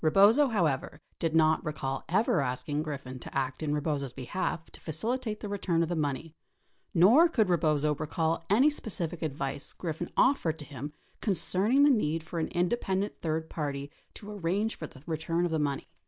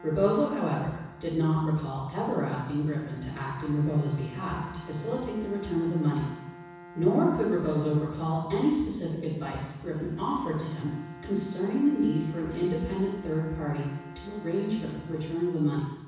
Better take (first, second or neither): first